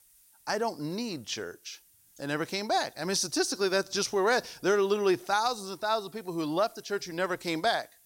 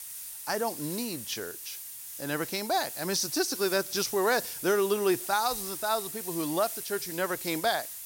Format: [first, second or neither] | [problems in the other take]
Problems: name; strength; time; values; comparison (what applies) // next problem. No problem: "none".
first | hiss; loud; throughout; 7 dB below the speech; faint in the first